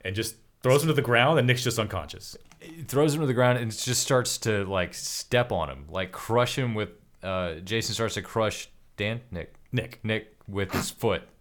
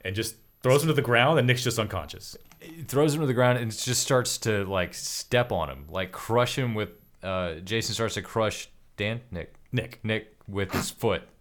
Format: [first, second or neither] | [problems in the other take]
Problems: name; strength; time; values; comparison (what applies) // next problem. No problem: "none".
first | high-pitched whine; faint; until 7 s; 12 kHz, 35 dB below the speech